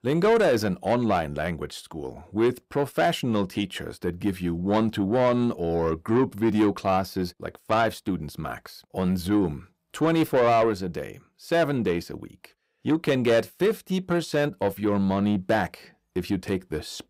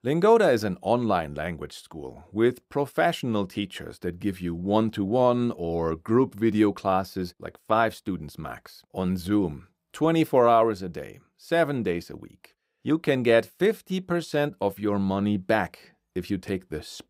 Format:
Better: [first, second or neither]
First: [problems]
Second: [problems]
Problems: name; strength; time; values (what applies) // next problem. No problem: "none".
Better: second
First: distortion; slight; 10 dB below the speech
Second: none